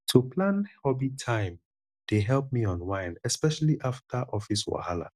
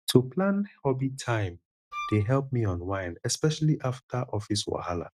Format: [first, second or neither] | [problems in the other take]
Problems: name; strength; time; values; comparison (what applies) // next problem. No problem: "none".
first | noise reduction (neural mask model RNNoise)